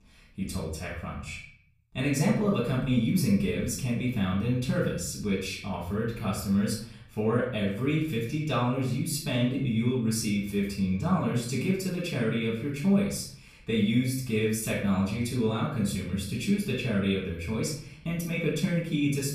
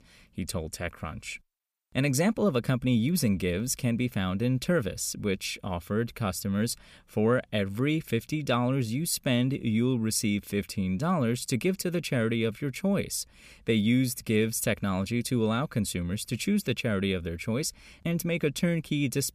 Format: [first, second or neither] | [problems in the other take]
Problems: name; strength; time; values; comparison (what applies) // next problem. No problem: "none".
second | off-mic speech; far // room echo; noticeable; dies away in 0.5 s